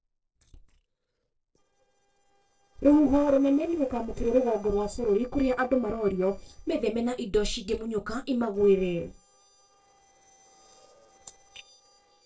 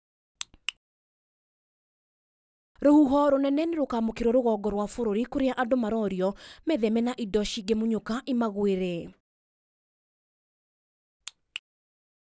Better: second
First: noise reduction (neural separator model SepFormer DNS4)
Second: none

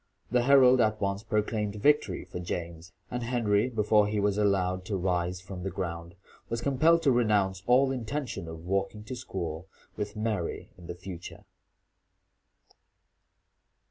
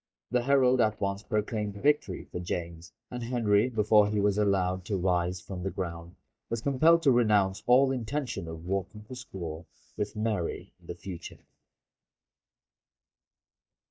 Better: first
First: none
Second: noise reduction (neural mask model DeepFilterNet 3)

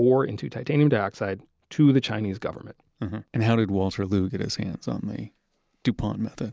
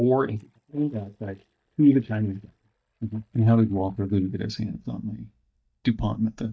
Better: first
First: none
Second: noise reduction (neural mask model DeepFilterNet 3)

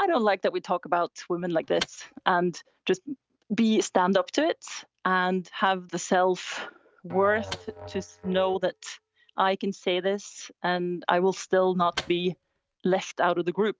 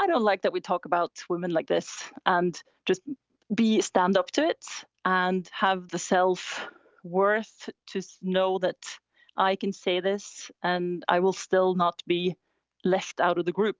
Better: second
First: noise reduction (neural mask model RNNoise)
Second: none

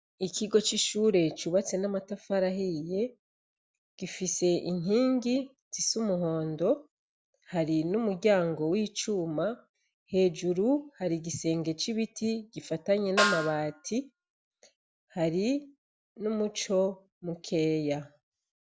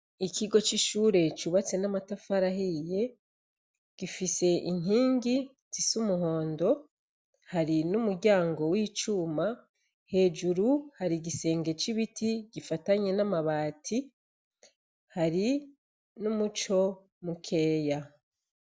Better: second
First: background sound (Snare drum); 4 dB below the speech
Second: none

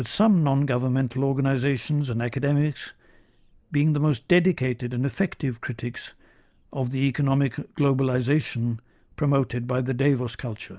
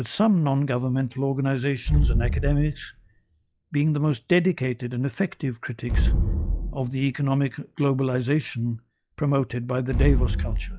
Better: first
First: none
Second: noise reduction (classical method log-MMSE)

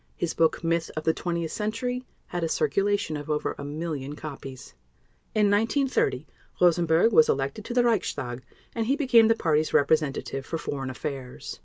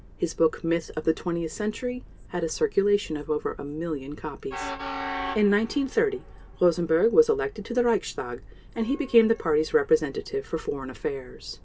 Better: first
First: none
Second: background sound (Train); 15 dB below the speech // room echo; dies away in 0.3 s

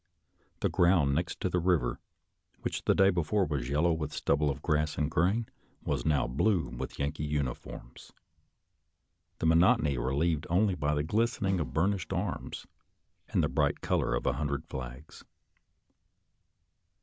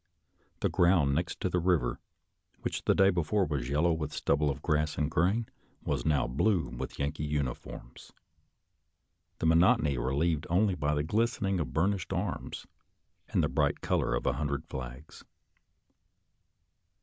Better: second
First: background sound (Snare drum); 14 dB below the speech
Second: none

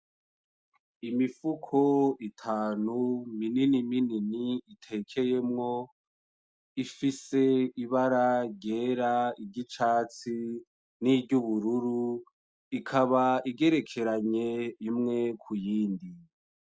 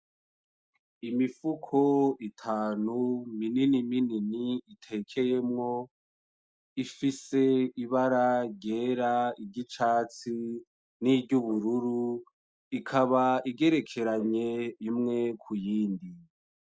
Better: first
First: none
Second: noise reduction (neural mask model Resemble Enhance denoiser)

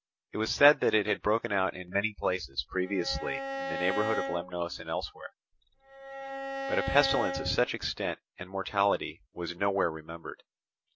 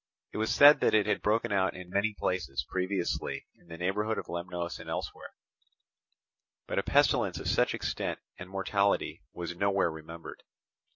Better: second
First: background sound (Bowed string instrument); 6 dB below the speech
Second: none

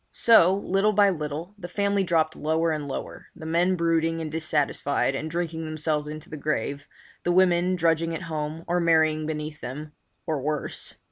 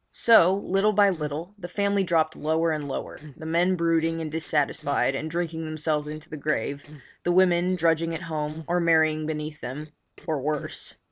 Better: first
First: none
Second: noise reduction (neural separator model SepFormer DNS4)

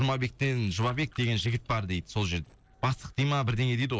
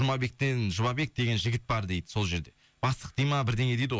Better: second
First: noise reduction (neural separator model SepFormer DNS4)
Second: none

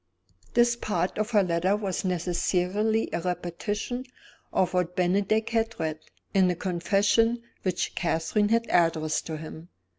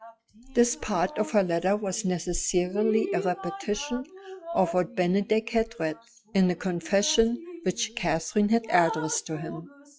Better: first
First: none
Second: noise reduction (classical method log-MMSE)

